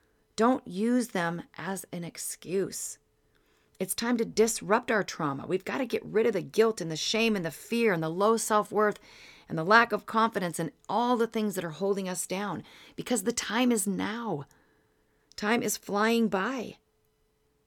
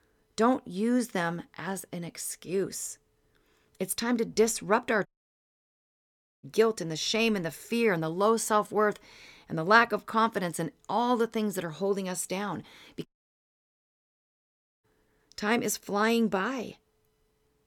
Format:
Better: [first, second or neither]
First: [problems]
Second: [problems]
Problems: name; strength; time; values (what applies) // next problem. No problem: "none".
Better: first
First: none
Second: audio cutting out; at 5 s for 1.5 s and at 13 s for 2 s